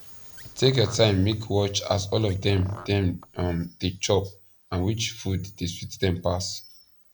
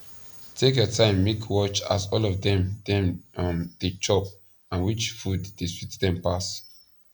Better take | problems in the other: second | background sound (Car); 20 dB below the speech

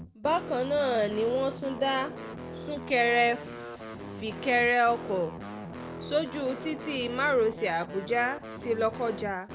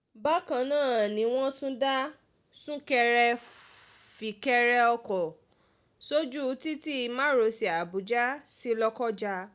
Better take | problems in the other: second | background sound (Guitar); 11 dB below the speech

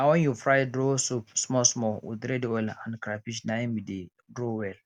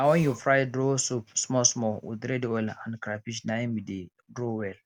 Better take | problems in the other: first | background sound (Burping, eructation); 16 dB below the speech

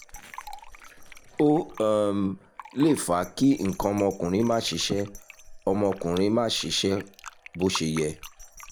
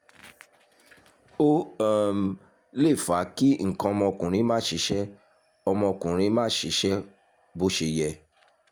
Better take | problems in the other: second | background sound (Bell + Fill (with liquid)); 17 dB below the speech

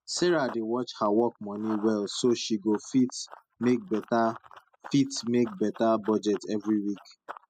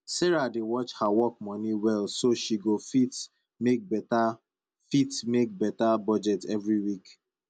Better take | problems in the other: second | noise reduction (classical method spectral subtraction)

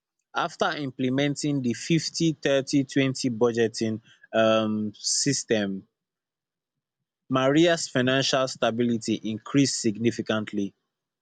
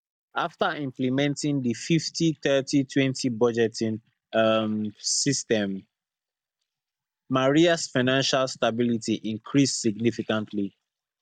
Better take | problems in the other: first | noise reduction (neural mask model DeepFilterNet 3)

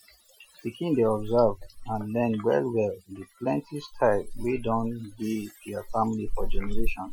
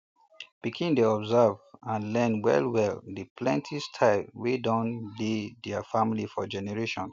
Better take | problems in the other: second | noise reduction (classical method Wiener filter)

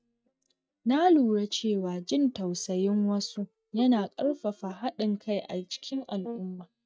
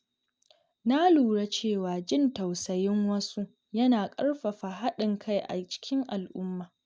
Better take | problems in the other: second | noise reduction (neural mask model DeepFilterNet 3)

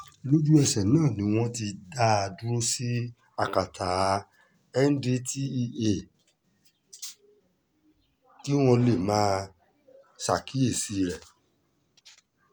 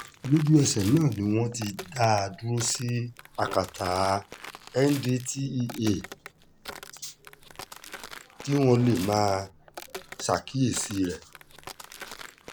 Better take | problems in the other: first | background sound (Walk, footsteps); 17 dB below the speech

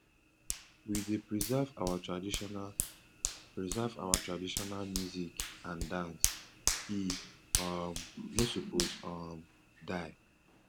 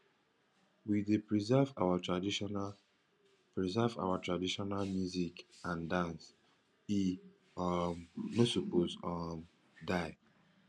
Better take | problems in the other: second | background sound (Hands); 1 dB below the speech

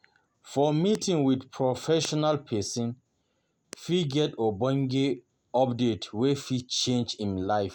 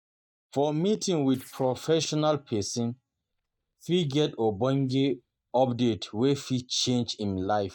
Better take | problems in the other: first | noise reduction (neural mask model DeepFilterNet 3)

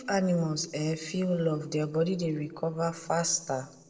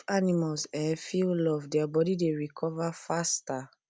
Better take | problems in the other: second | noise reduction (neural separator model SepFormer DNS4)

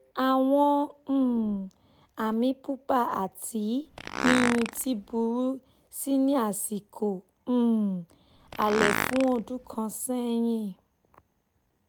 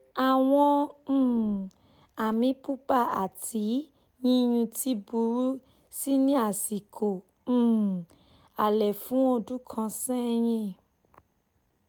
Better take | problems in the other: second | background sound (Fart); 4 dB below the speech

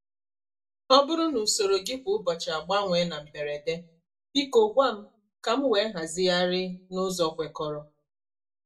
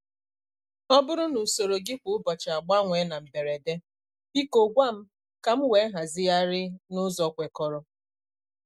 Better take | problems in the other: second | room echo; dies away in 0.2 s

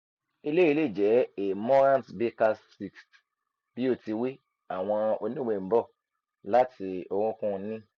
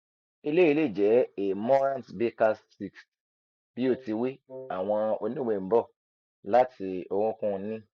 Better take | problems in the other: first | noise reduction (neural mask model DeepFilterNet 3)

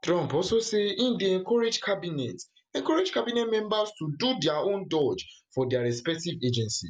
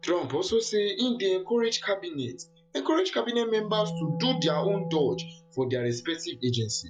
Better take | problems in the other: first | noise reduction (classical method log-MMSE)

